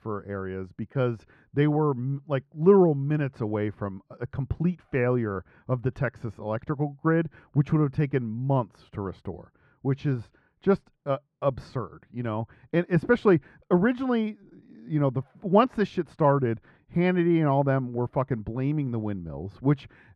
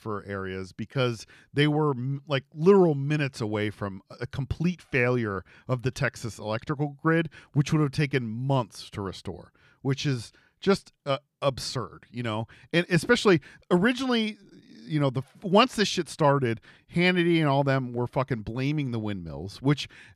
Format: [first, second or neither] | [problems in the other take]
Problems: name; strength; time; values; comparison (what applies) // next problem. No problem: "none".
second | muffled; very; fading above 2.5 kHz